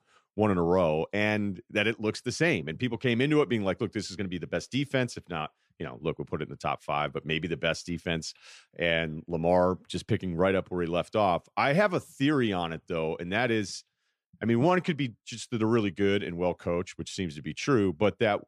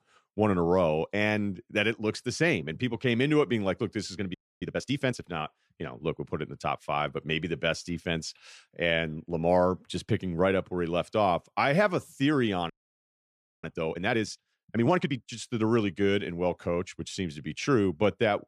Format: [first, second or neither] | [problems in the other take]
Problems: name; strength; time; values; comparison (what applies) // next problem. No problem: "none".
first | audio freezing; at 4.5 s and at 13 s for 1 s